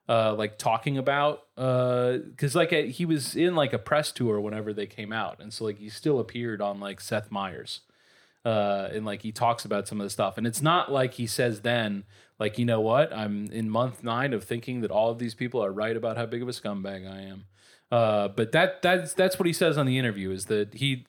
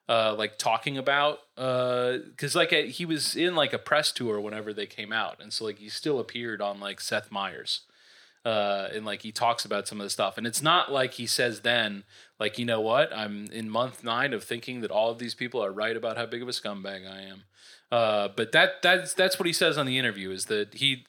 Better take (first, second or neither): first